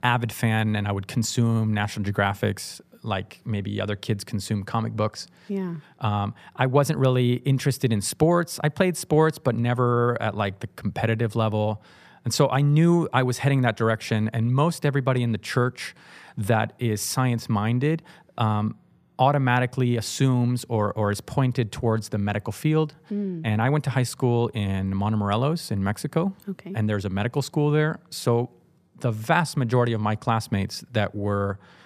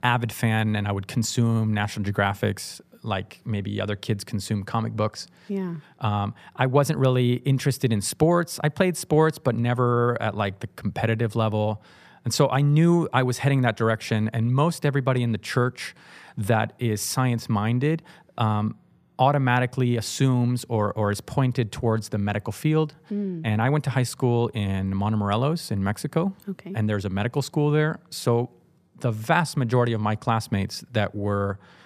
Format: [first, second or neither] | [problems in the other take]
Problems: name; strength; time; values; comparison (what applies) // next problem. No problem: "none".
neither | none